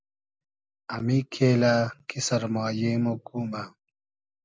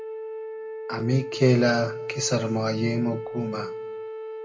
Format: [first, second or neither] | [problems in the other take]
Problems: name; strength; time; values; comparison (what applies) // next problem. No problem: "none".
first | background sound (Wind instrument, woodwind instrument); 8 dB below the speech // room echo; dies away in 0.4 s